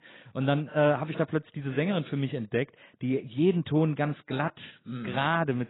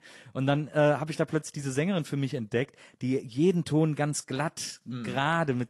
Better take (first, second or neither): second